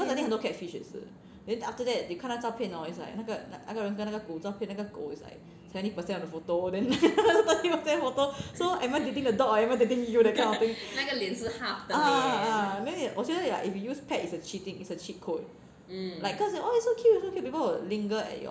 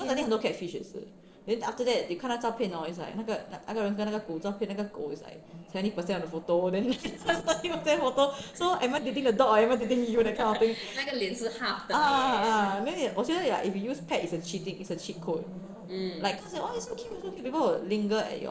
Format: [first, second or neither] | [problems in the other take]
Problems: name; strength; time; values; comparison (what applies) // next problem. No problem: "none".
first | noise reduction (neural separator model SepFormer DNS4)